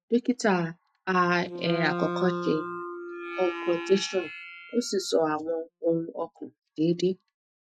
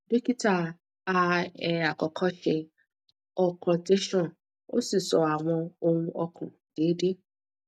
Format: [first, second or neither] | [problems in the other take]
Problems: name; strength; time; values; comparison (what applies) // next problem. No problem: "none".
second | noise reduction (classical method Wiener filter)